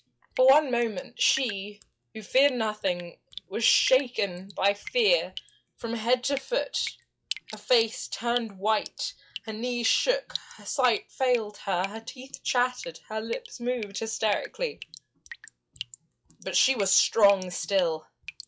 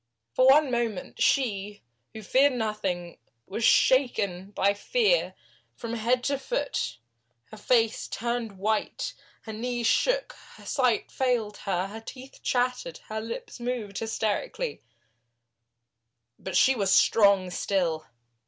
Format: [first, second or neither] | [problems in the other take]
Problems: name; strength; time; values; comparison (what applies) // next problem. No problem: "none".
second | noise reduction (classical method log-MMSE)